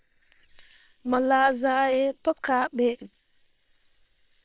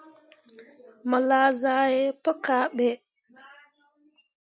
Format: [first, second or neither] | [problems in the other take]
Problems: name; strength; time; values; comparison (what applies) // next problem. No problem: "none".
second | noise reduction (neural separator model SepFormer WHAM!)